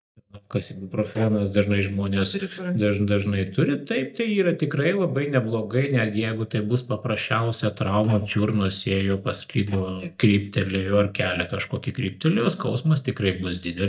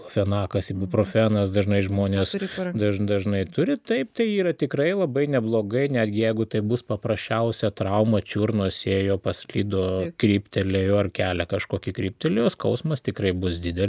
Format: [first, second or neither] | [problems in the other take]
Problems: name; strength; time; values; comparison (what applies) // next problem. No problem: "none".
second | noise reduction (neural mask model DeepFilterNet 3)